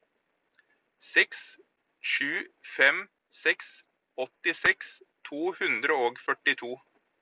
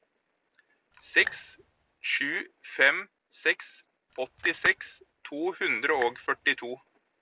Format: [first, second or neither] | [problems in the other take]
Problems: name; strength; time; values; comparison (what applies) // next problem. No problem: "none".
first | background sound (Raindrop); 13 dB below the speech